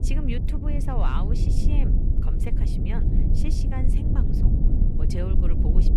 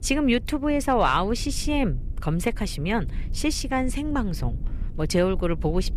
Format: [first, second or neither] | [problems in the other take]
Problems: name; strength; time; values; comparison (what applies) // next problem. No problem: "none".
second | low rumble; loud; throughout; as loud as the speech; faint in the second